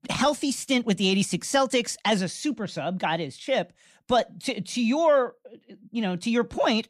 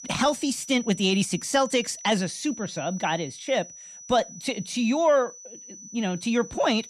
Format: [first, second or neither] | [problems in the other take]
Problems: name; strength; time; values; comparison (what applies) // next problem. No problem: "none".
first | high-pitched whine; noticeable; throughout; 6 kHz, 15 dB below the speech